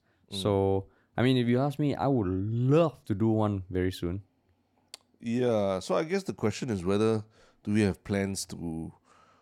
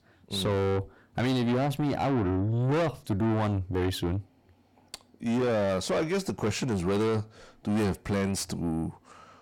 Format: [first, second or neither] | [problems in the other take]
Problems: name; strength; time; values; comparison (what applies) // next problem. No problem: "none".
first | distortion; heavy; 6 dB below the speech